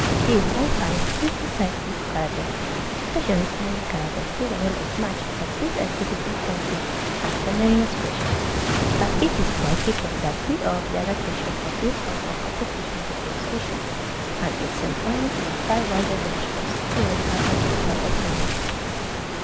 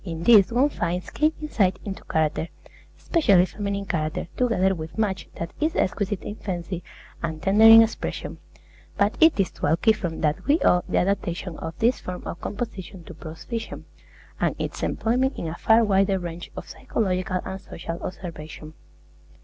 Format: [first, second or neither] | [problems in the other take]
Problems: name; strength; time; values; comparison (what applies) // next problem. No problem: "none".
second | background sound (Waves, surf); 3 dB above the speech